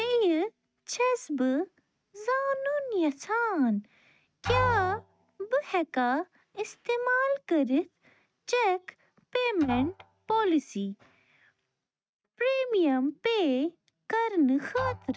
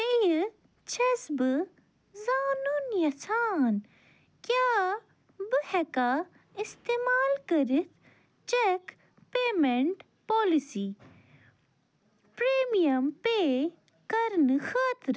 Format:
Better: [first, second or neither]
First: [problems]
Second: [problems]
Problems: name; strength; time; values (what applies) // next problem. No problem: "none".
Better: second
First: noise reduction (neural mask model RNNoise)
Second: none